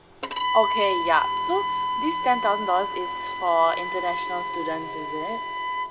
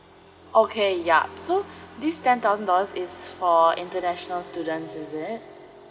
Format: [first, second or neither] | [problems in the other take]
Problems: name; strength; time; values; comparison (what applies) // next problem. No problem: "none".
second | background sound (Bowed string instrument); 2 dB below the speech